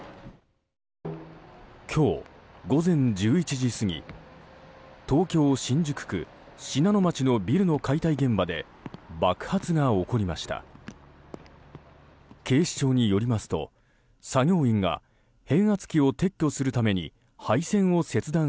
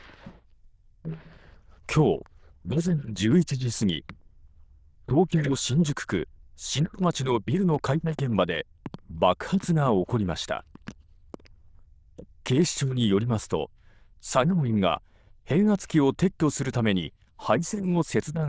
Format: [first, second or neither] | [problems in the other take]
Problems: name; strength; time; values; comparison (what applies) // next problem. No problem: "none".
first | noise reduction (neural diffusion model UNIVERSE++)